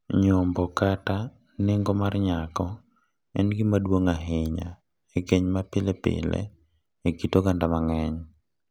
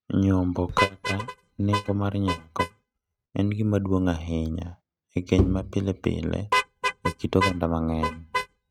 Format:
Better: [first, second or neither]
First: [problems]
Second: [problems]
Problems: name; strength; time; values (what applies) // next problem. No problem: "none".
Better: first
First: none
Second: noise reduction (neural mask model RNNoise)